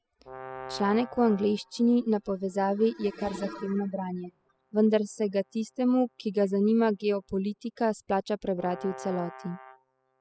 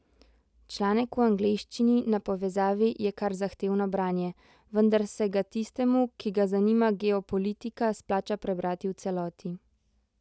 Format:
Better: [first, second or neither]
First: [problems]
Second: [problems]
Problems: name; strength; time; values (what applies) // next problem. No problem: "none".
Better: second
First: noise reduction (classical method spectral subtraction)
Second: none